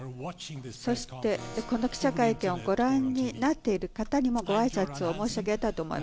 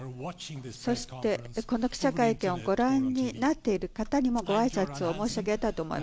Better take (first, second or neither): second